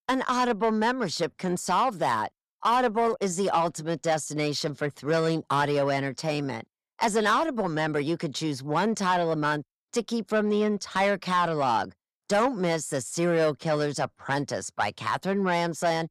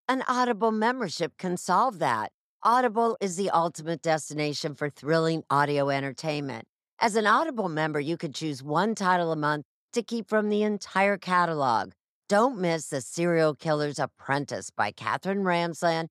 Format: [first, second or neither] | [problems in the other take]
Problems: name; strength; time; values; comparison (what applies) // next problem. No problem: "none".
second | distortion; slight; 10 dB below the speech